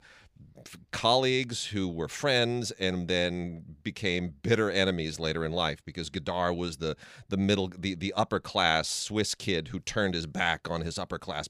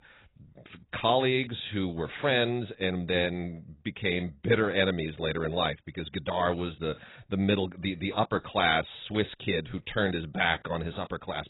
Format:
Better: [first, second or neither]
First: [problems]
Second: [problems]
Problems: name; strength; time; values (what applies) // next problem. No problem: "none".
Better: first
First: none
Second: garbled, watery; badly; nothing above 4 kHz